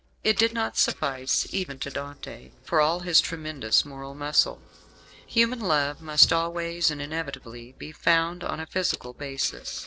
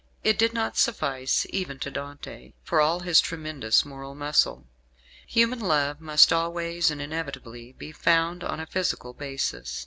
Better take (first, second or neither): second